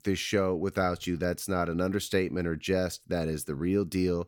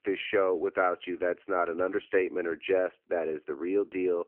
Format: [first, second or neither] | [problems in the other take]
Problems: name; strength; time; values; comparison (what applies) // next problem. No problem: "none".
first | phone-call audio; nothing above 3 kHz